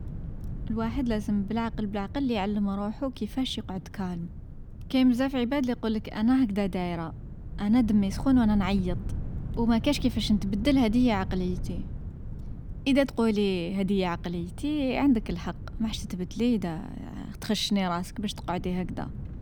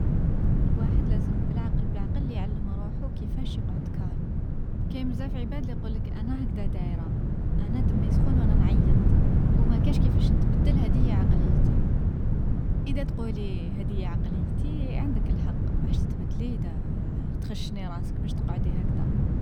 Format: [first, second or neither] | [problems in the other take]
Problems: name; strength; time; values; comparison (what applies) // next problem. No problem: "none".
first | wind noise on the microphone; heavy; 4 dB above the speech; occasional gusts in the first